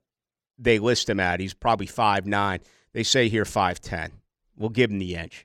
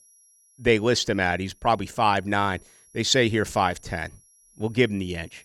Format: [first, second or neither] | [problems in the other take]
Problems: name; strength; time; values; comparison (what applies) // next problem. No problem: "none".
first | high-pitched whine; faint; throughout; 11 kHz, 30 dB below the speech